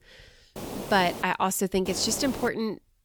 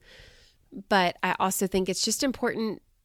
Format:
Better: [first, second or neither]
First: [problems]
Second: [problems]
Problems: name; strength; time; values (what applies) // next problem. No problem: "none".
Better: second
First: hiss; noticeable; at 0.5 s and at 2 s; 10 dB below the speech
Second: none